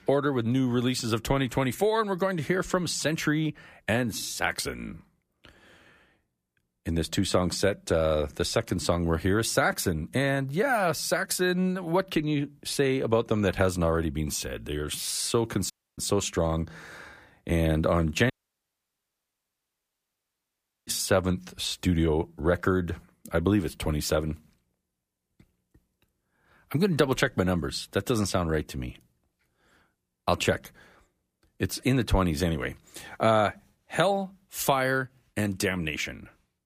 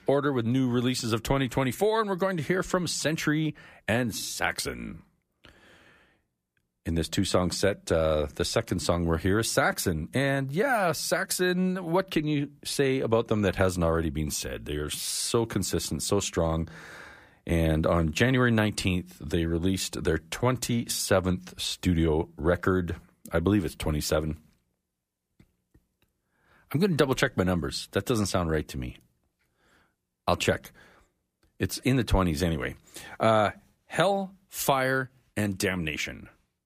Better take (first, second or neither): second